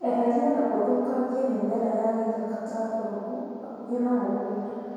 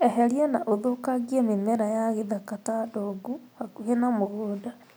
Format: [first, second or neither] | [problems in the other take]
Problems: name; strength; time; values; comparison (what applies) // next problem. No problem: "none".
second | room echo; dies away in 2.2 s